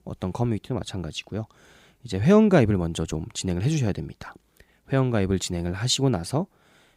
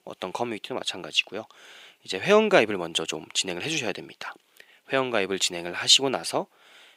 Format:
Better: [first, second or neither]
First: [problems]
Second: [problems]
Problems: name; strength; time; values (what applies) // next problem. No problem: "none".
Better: first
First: none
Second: thin; somewhat; fading below 450 Hz